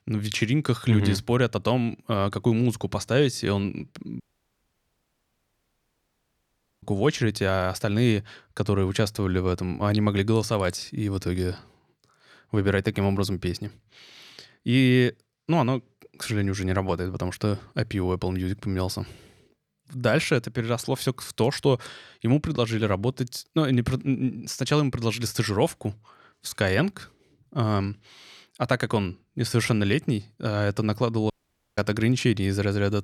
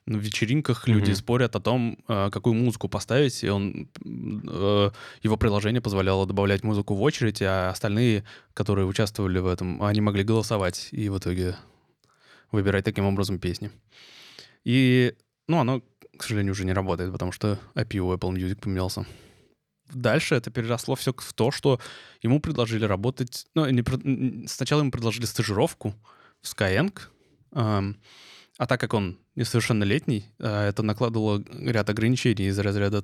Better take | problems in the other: second | audio cutting out; at 4 s for 2.5 s and at 31 s

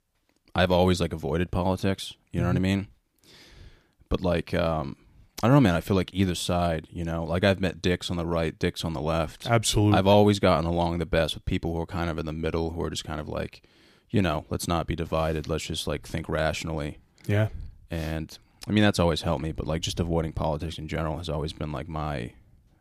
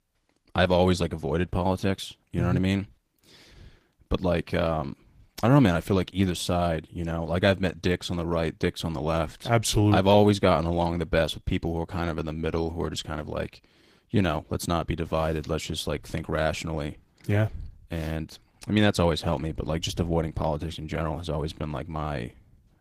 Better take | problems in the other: first | garbled, watery; slightly; nothing above 15 kHz

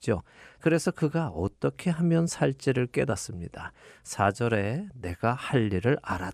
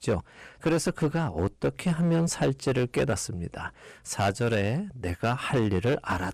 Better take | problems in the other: first | distortion; heavy; 11% of the sound clipped

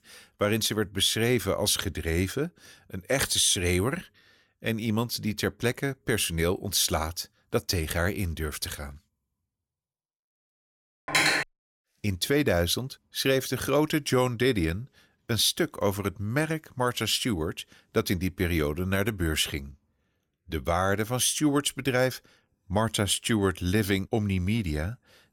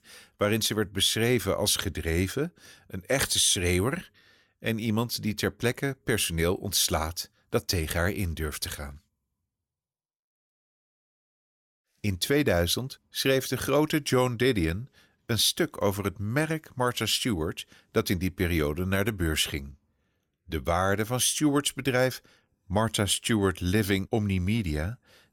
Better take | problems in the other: second | clattering dishes; loud; at 11 s; peak 5 dB above the speech

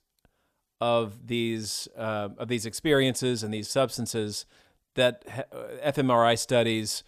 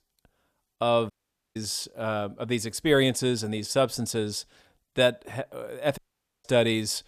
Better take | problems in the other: first | audio cutting out; at 1 s and at 6 s

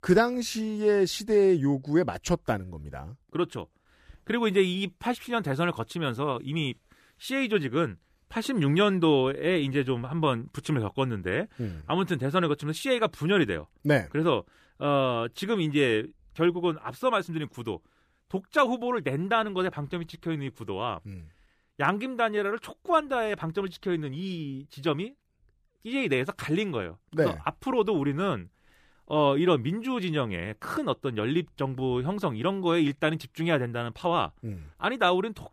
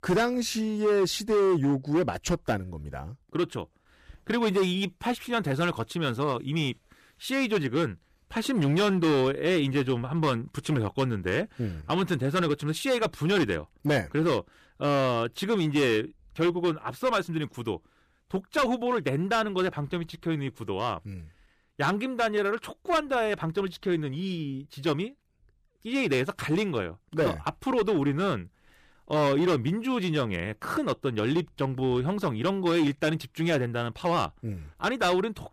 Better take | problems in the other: first | distortion; slight; 7% of the sound clipped

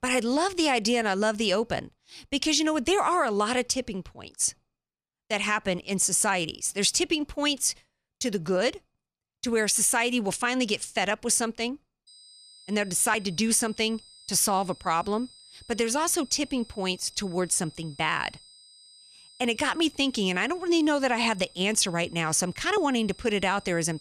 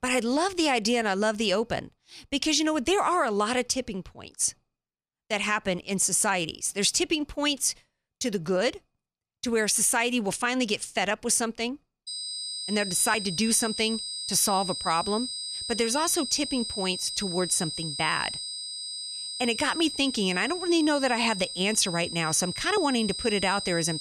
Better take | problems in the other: first | high-pitched whine; loud; from 12 s on; 5 kHz, 6 dB below the speech; faint in the first

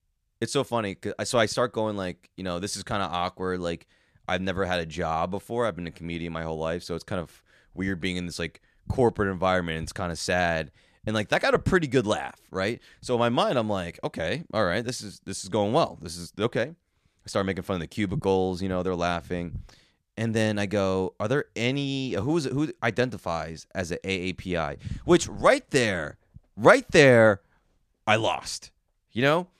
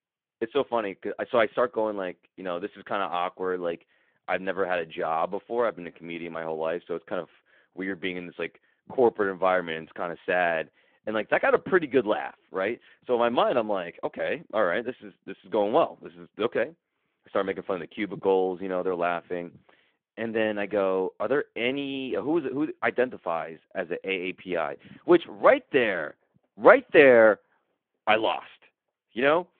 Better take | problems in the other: first | phone-call audio

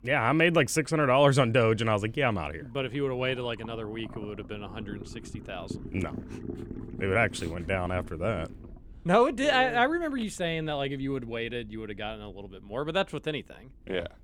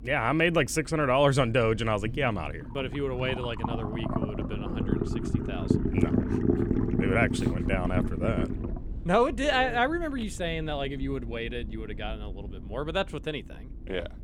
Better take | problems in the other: first | low rumble; loud; throughout; 7 dB below the speech; faint in the first

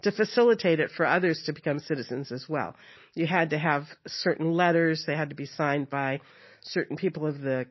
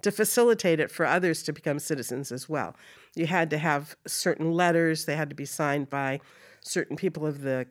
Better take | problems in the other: second | garbled, watery; slightly; nothing above 5.5 kHz

